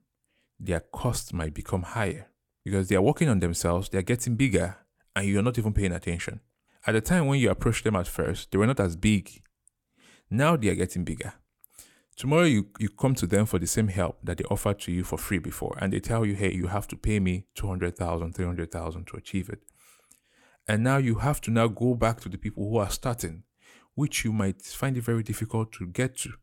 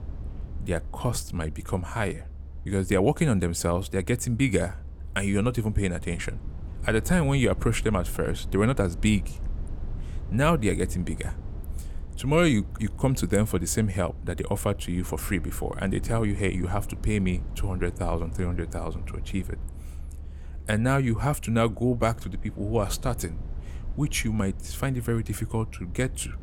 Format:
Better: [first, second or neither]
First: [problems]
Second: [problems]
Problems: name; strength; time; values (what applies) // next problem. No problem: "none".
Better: first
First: none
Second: low rumble; faint; throughout; 20 dB below the speech